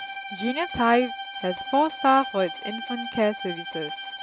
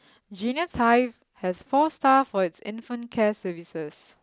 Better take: second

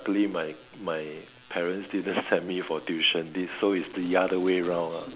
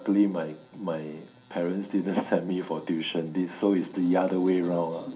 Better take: first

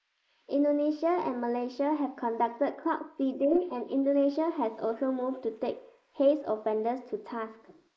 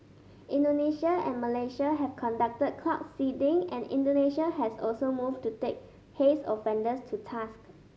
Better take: second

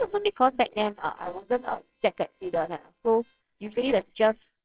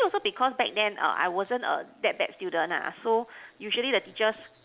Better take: second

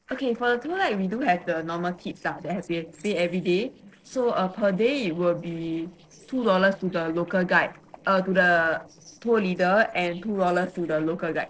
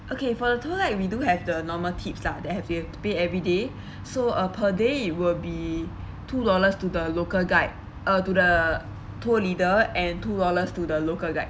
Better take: second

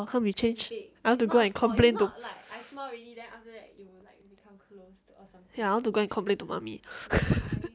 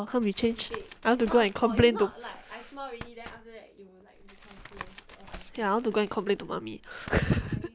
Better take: first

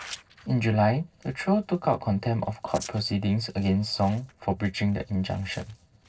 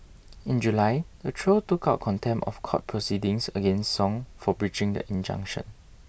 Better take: second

